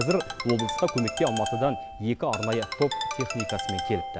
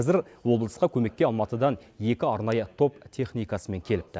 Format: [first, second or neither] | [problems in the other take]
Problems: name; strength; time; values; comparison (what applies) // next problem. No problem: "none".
second | background sound (Ringtone); 5 dB below the speech